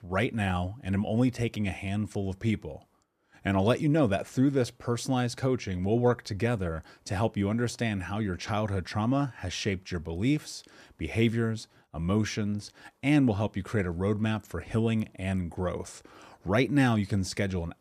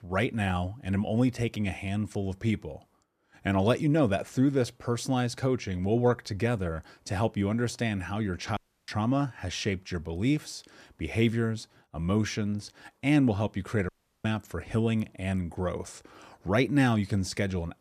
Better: first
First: none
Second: audio cutting out; at 8.5 s and at 14 s

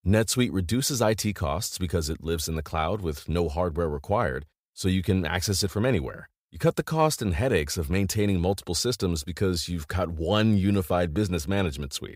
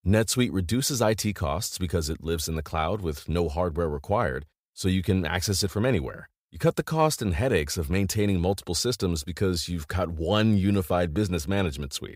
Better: neither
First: none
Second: none

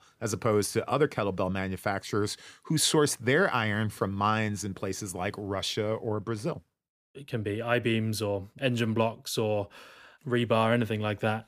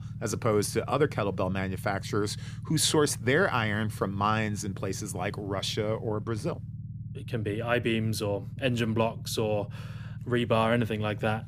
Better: first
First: none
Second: low rumble; faint; throughout; 20 dB below the speech

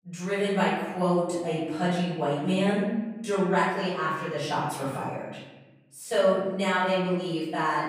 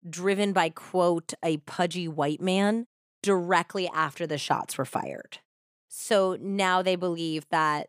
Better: second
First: room echo; strong; dies away in 1.2 s // off-mic speech; far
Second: none

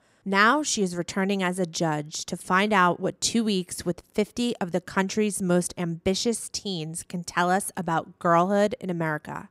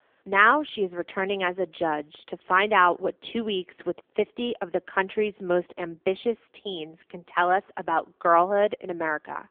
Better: first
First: none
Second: phone-call audio; poor line; nothing above 3.5 kHz

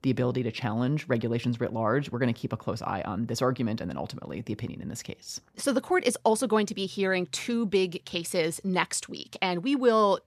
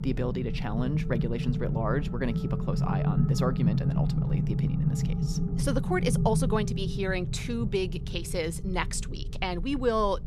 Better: first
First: none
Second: low rumble; loud; throughout; 7 dB below the speech

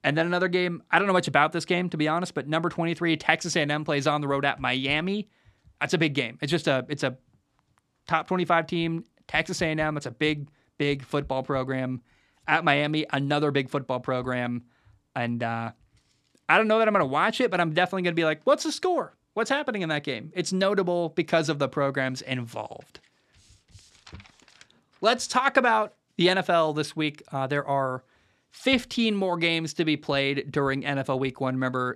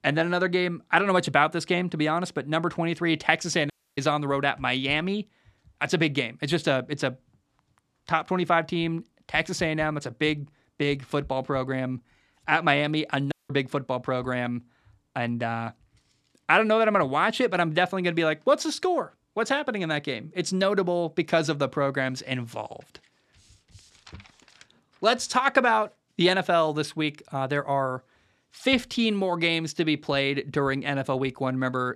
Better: first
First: none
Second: audio cutting out; at 3.5 s and at 13 s

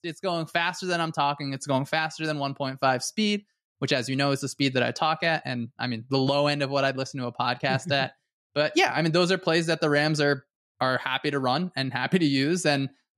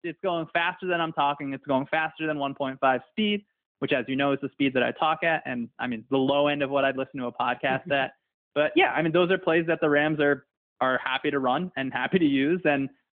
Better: first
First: none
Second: phone-call audio; nothing above 3.5 kHz

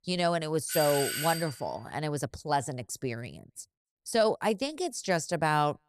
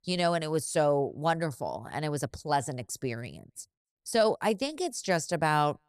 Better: second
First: doorbell; noticeable; at 0.5 s; peak 1 dB below the speech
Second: none

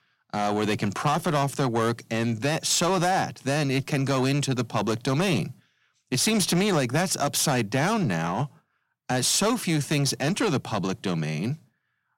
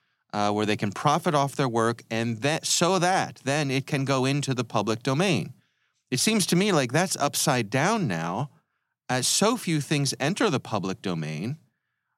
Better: second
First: distortion; slight; 10 dB below the speech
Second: none

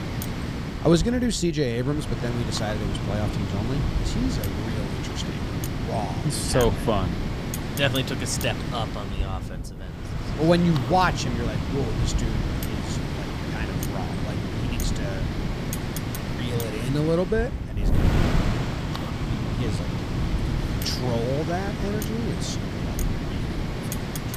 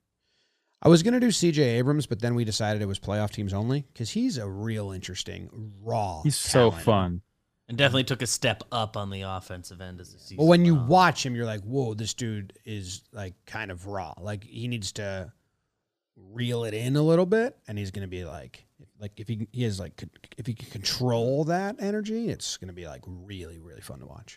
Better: second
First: wind noise on the microphone; heavy; 5 dB below the speech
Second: none

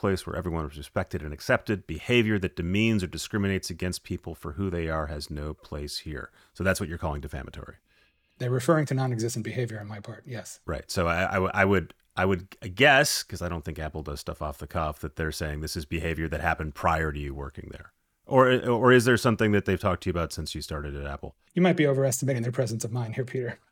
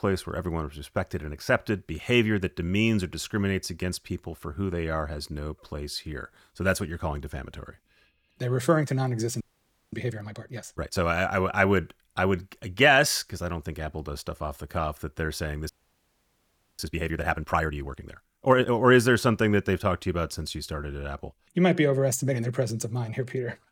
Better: first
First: none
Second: audio freezing; at 9.5 s for 0.5 s and at 16 s for 1 s

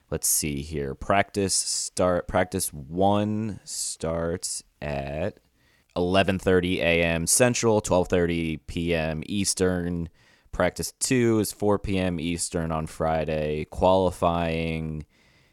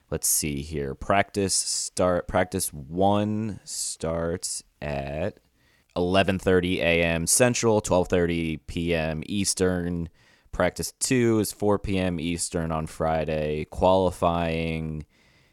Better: neither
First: none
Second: none

